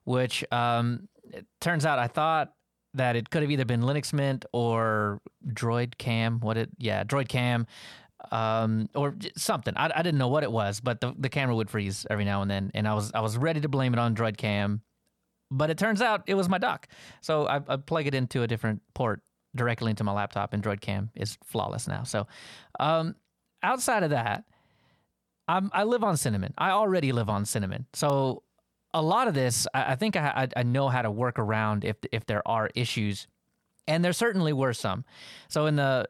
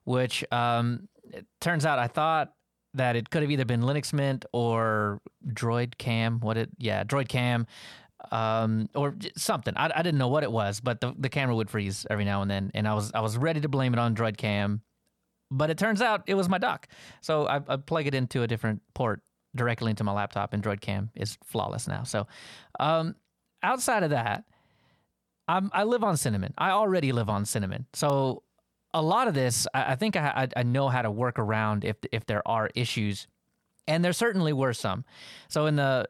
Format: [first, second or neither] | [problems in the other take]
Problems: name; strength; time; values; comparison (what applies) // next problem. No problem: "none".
neither | none